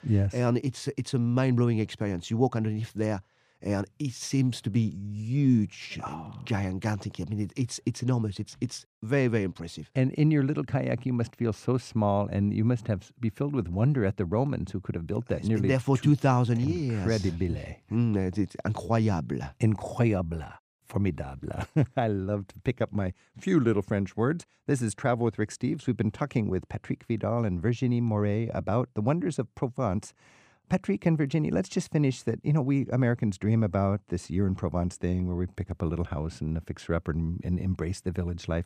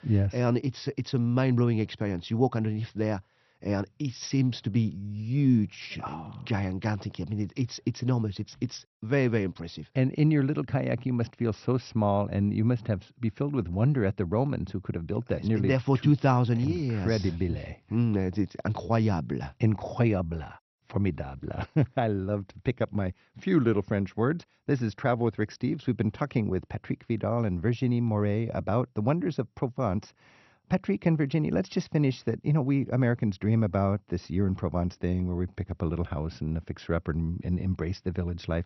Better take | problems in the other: first | garbled, watery; slightly; nothing above 6 kHz

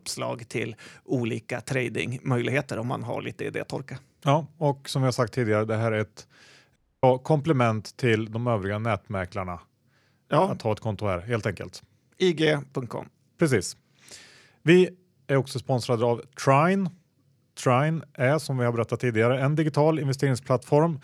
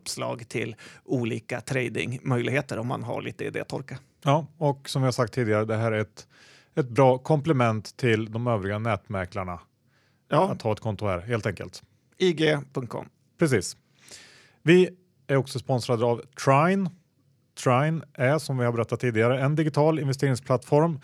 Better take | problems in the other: second | audio cutting out; at 7 s

